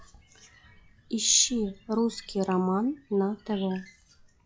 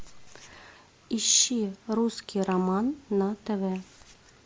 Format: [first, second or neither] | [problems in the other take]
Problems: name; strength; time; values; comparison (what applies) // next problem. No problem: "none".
second | noise reduction (classical method log-MMSE)